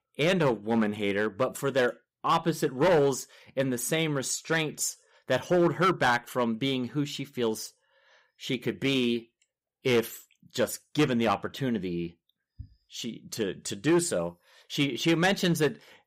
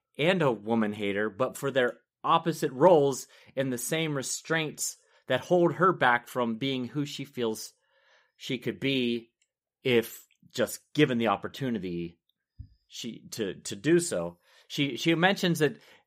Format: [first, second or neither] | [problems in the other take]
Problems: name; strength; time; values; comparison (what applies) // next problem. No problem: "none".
second | distortion; slight; 4% of the sound clipped